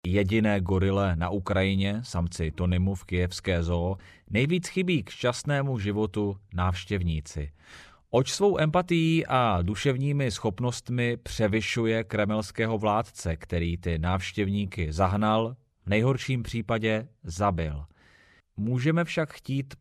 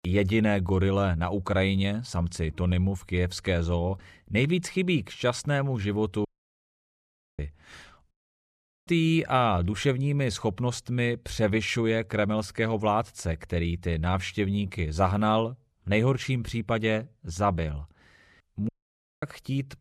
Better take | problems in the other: first | audio cutting out; at 6.5 s for 1 s, at 8 s for 1 s and at 19 s for 0.5 s

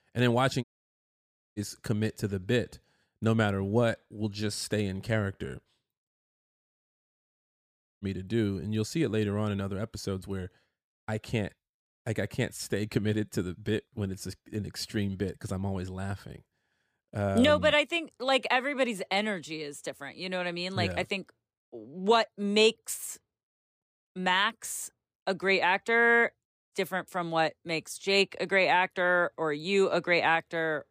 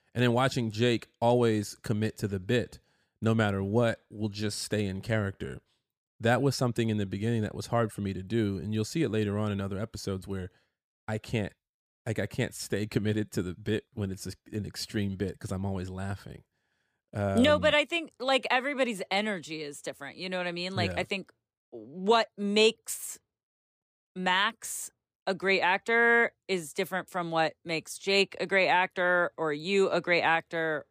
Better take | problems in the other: second | audio cutting out; at 0.5 s for 1 s, at 6 s for 2 s and at 26 s

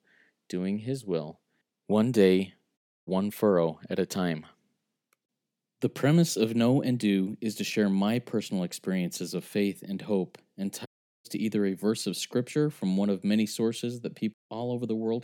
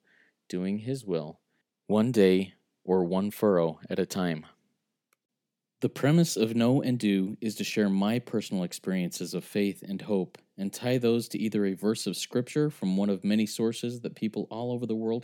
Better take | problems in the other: second | audio cutting out; at 3 s, at 11 s and at 14 s

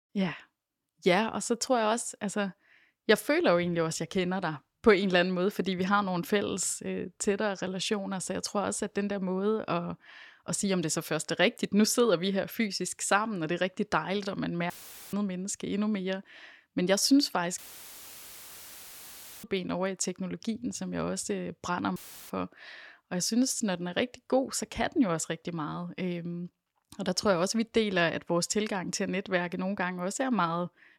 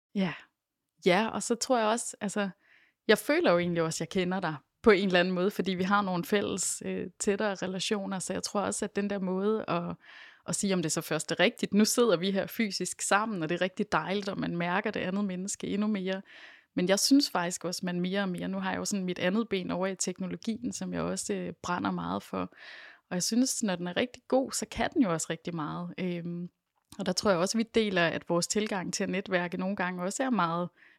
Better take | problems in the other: second | audio cutting out; filled with static; at 15 s, at 18 s for 2 s and at 22 s

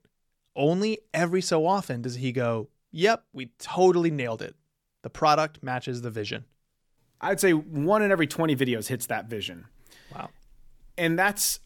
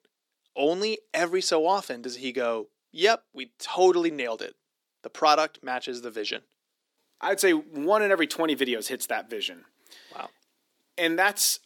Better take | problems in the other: first | thin; somewhat; fading below 300 Hz

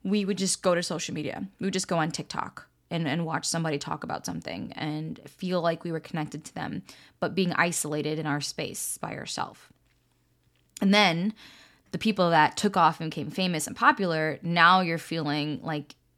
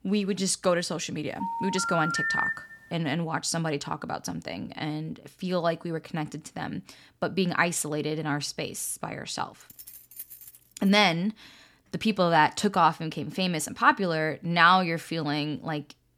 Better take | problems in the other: first | phone ringing; loud; from 1.5 to 3 s; peak 1 dB above the speech // jangling keys; faint; from 9.5 to 11 s; peak 15 dB below the speech

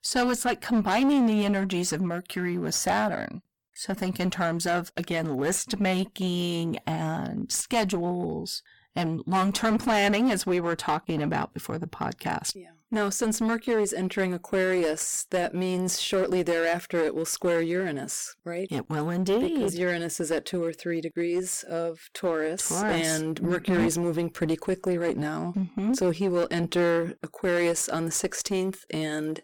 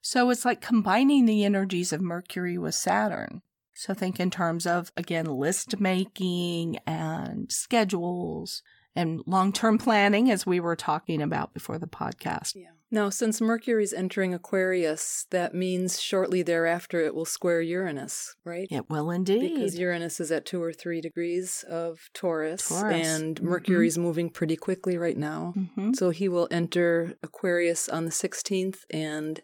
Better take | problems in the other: second | distortion; slight; 11% of the sound clipped

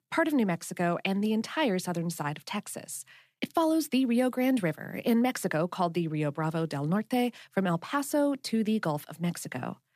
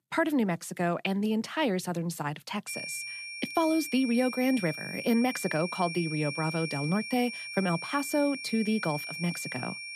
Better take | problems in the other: first | high-pitched whine; loud; from 2.5 s on; 2.5 kHz, 7 dB below the speech

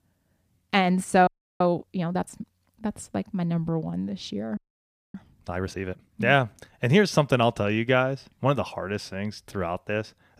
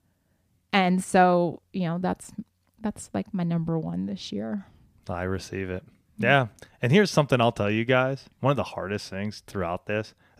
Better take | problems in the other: second | audio freezing; at 1.5 s and at 4.5 s for 0.5 s

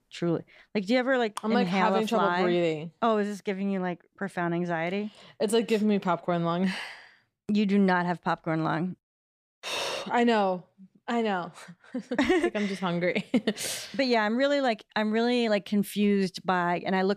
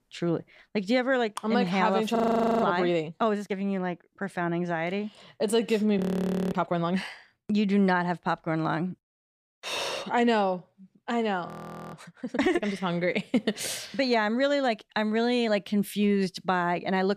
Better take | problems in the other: first | audio freezing; at 2 s, at 6 s for 0.5 s and at 11 s

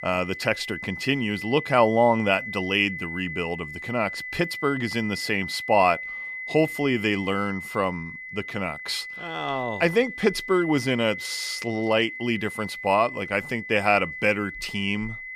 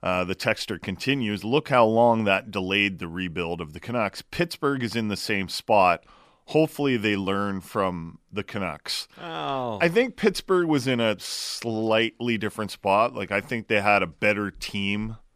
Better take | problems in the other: second | high-pitched whine; loud; throughout; 2 kHz, 9 dB below the speech

